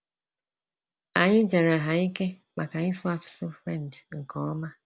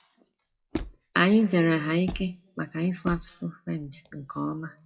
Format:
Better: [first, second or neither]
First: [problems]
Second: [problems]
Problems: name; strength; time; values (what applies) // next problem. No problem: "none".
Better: first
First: none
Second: noise reduction (classical method WPE with log-MMSE)